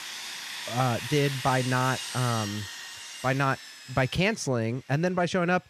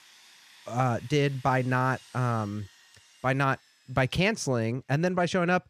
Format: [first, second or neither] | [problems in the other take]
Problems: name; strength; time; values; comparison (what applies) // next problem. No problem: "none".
second | machinery noise; loud; throughout; 8 dB below the speech; faint in the second